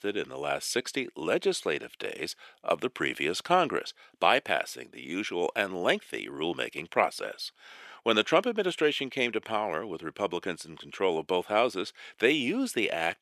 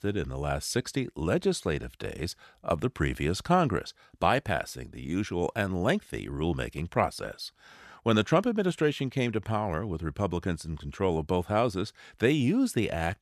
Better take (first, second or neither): second